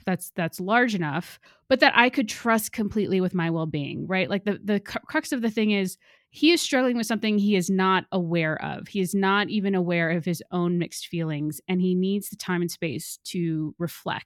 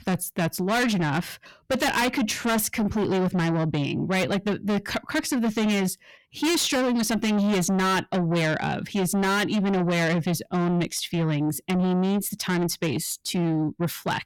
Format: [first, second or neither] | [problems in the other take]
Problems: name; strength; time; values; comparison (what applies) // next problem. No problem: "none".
first | distortion; heavy; 6 dB below the speech